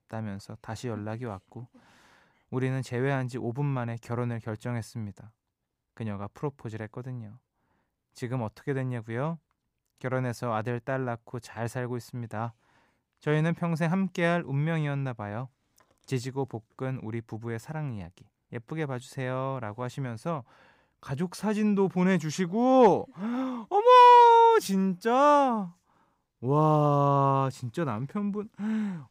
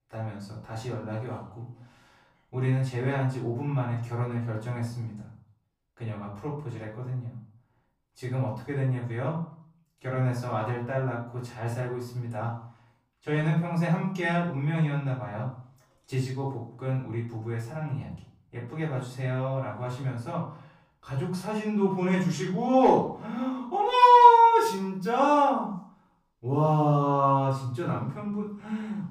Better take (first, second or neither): first